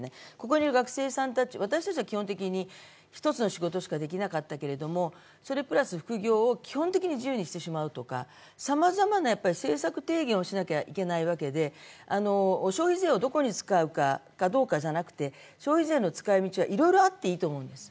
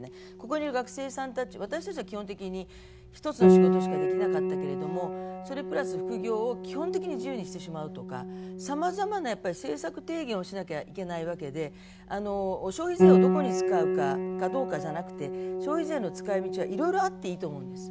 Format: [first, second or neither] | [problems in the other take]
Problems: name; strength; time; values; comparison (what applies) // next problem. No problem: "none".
first | background sound (Piano); 4 dB above the speech